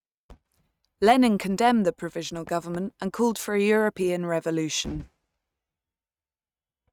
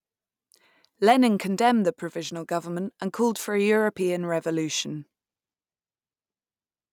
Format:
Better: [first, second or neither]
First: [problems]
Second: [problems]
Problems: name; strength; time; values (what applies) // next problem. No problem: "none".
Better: second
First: noise reduction (neural mask model RNNoise)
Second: none